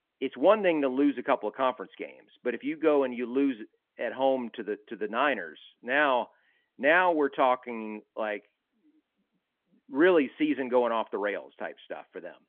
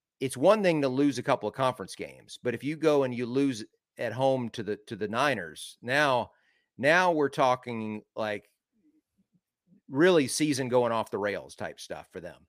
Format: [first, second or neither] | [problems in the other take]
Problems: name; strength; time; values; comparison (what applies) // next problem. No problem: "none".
second | phone-call audio; nothing above 3.5 kHz